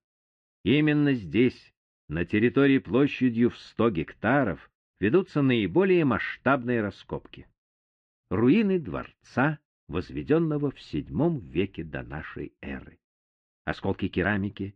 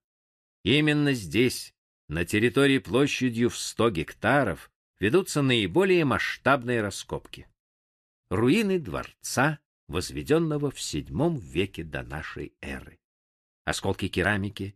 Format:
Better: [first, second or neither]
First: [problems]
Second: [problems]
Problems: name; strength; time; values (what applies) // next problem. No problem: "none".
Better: second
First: muffled; very; fading above 3 kHz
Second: none